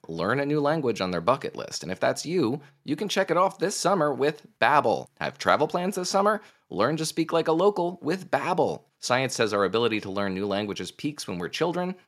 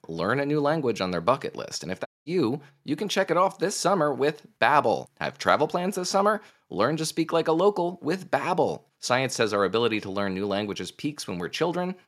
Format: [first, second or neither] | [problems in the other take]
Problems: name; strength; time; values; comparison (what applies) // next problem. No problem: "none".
first | audio cutting out; at 2 s